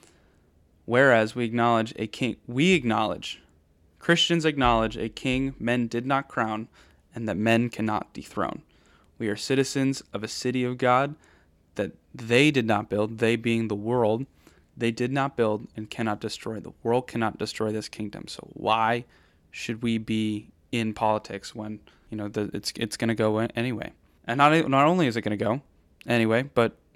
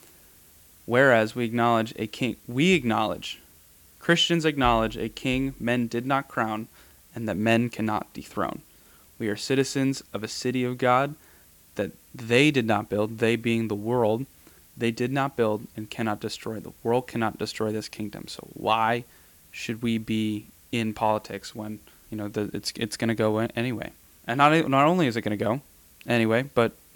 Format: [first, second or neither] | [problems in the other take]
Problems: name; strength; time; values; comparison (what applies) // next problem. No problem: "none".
first | hiss; faint; throughout; 25 dB below the speech